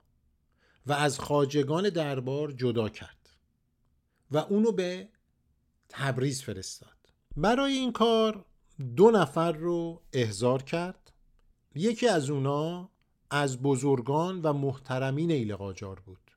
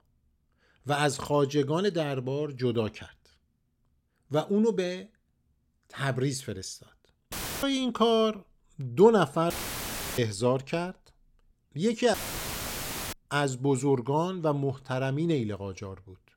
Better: first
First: none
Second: audio cutting out; filled with static; at 7.5 s, at 9.5 s for 0.5 s and at 12 s for 1 s

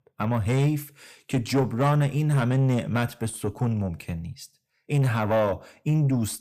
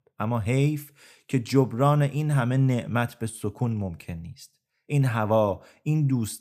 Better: second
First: distortion; slight; 9 dB below the speech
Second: none

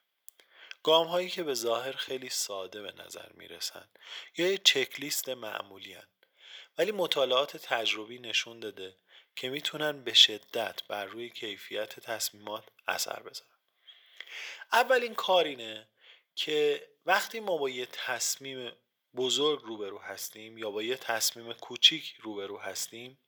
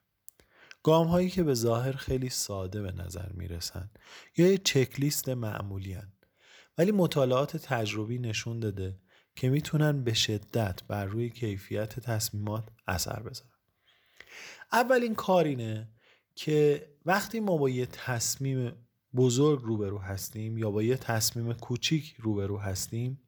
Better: second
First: thin; very; fading below 550 Hz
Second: none

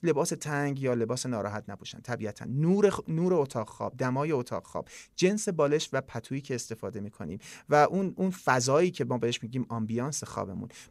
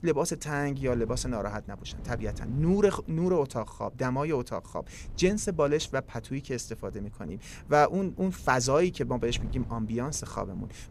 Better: first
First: none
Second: wind noise on the microphone; occasional gusts; 25 dB below the speech

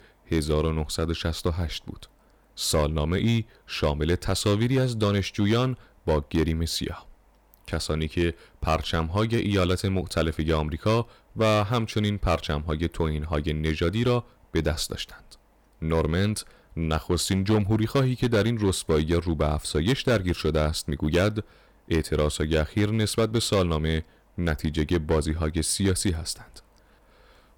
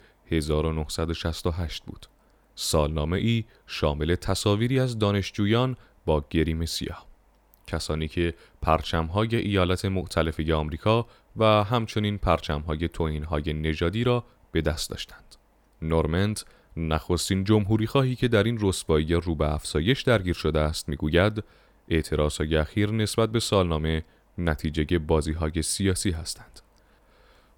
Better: second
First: distortion; slight; 5% of the sound clipped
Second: none

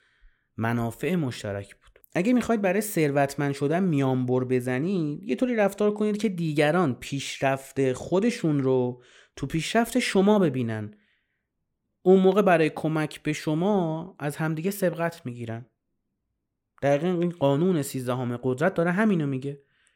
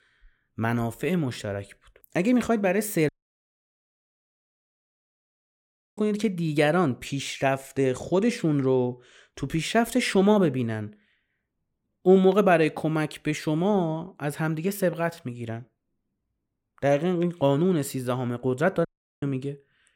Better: first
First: none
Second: audio cutting out; at 3 s for 3 s and at 19 s

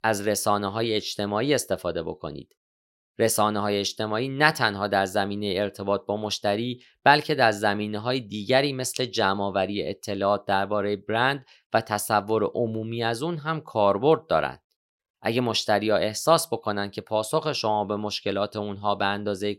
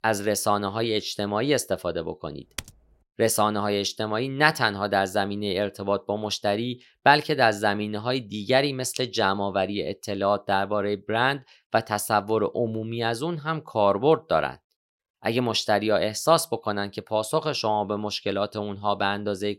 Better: first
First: none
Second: keyboard typing; faint; at 2.5 s; peak 15 dB below the speech

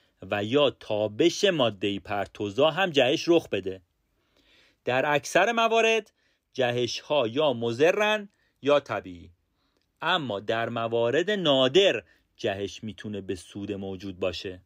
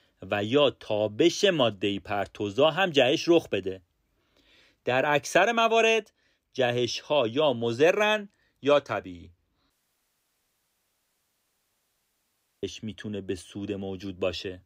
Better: first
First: none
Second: audio cutting out; at 9.5 s for 3 s

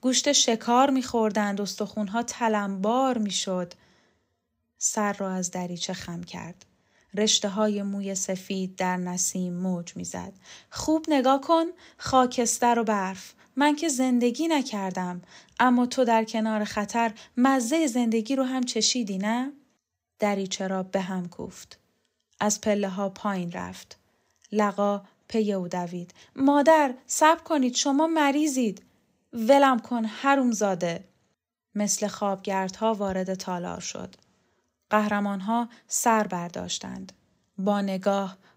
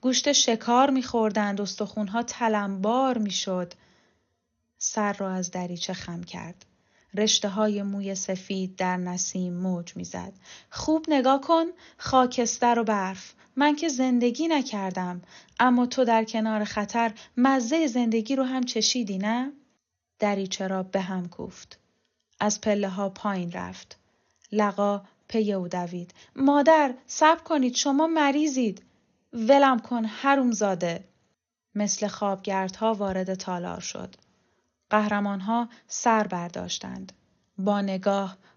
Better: first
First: none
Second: garbled, watery; slightly; nothing above 6.5 kHz

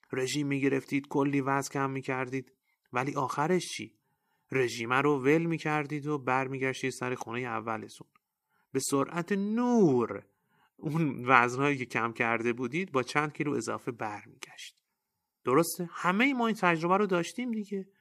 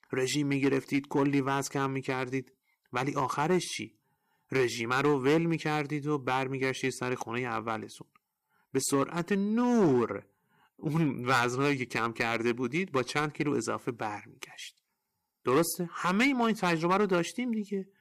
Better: first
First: none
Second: distortion; slight; 3% of the sound clipped

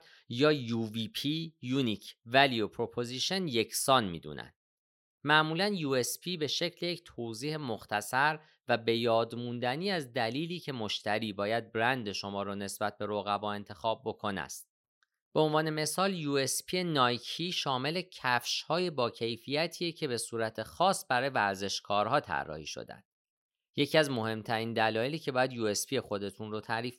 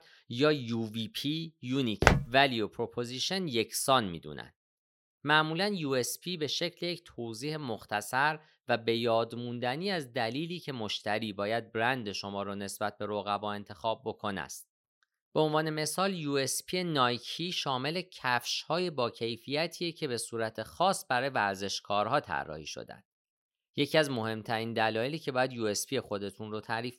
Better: first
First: none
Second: footsteps; loud; at 2 s; peak 6 dB above the speech

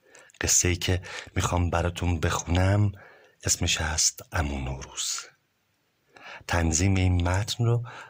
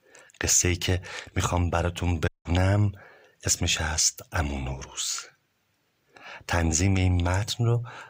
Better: first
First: none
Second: audio cutting out; at 2.5 s

